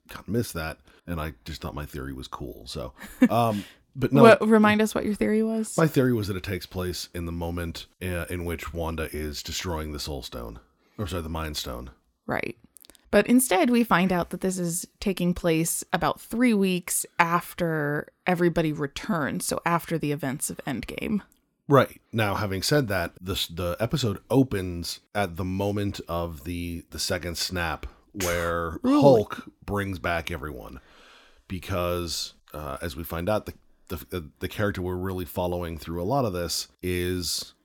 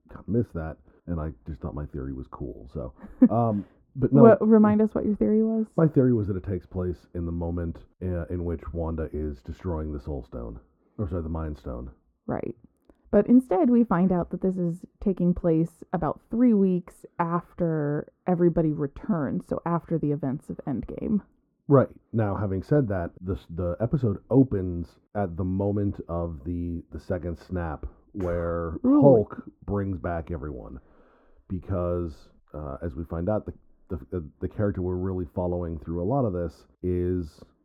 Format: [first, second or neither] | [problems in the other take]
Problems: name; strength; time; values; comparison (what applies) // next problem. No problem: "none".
first | muffled; very; fading above 1.5 kHz